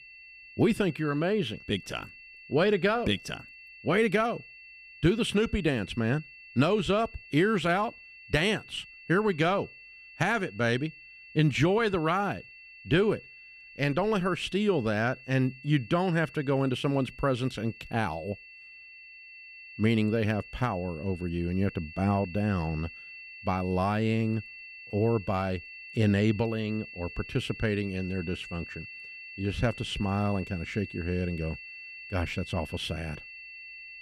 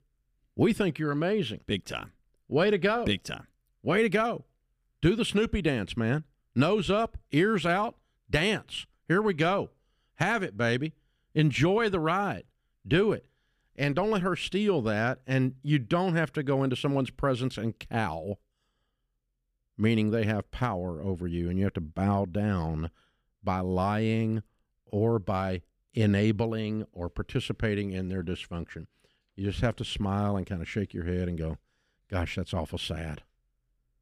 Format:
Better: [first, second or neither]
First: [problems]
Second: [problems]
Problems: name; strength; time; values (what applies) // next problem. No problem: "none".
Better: second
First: high-pitched whine; noticeable; throughout; 2.5 kHz, 15 dB below the speech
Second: none